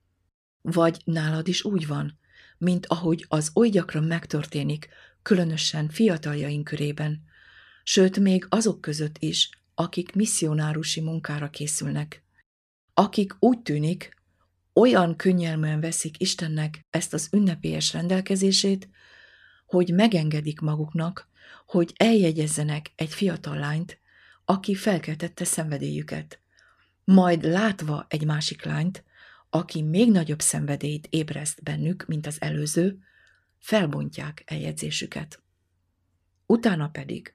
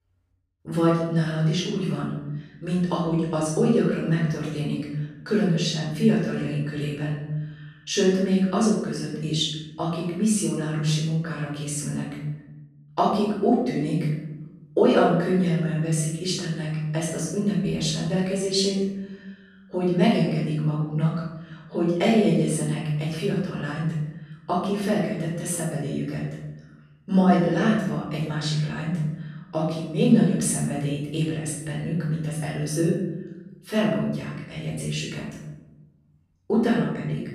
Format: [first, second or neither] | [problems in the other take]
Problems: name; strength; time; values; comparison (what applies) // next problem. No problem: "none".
first | off-mic speech; far // room echo; noticeable; dies away in 0.9 s